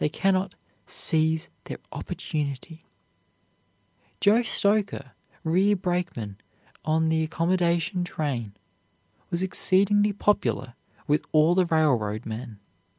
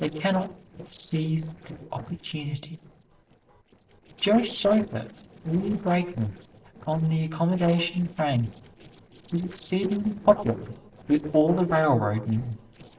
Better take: first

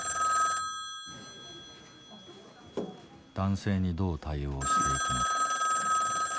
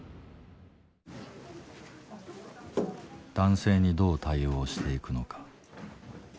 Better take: second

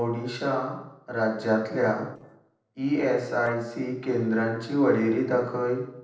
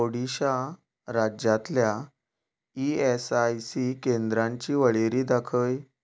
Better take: second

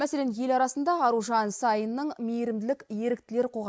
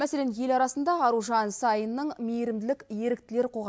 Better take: second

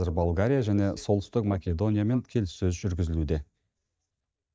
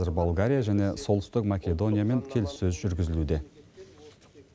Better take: second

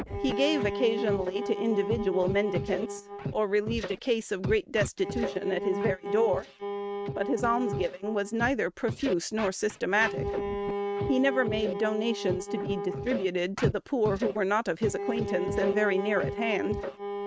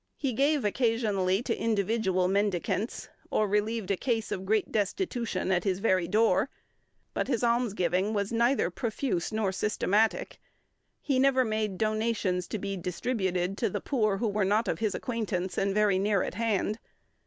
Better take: second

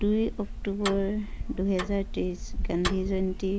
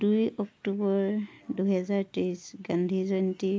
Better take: second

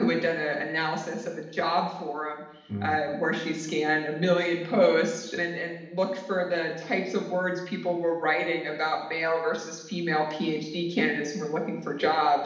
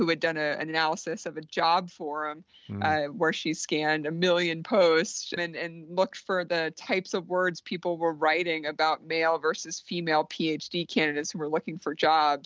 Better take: second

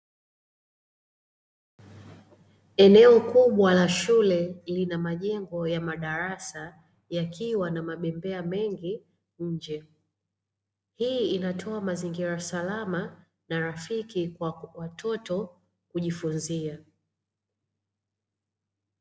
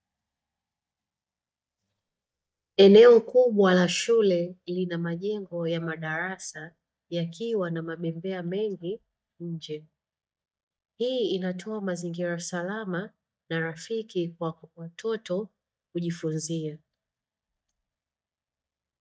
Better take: first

